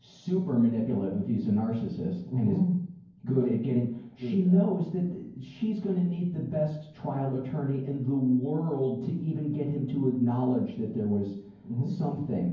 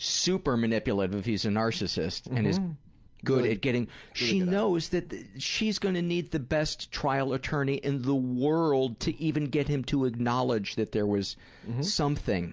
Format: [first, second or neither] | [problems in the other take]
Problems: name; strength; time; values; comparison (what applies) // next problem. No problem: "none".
second | room echo; dies away in 0.9 s